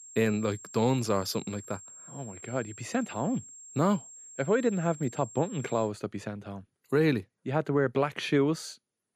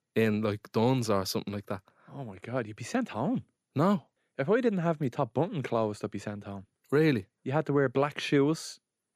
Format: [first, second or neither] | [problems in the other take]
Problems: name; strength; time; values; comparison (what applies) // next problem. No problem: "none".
second | high-pitched whine; noticeable; until 6 s; 7.5 kHz, 15 dB below the speech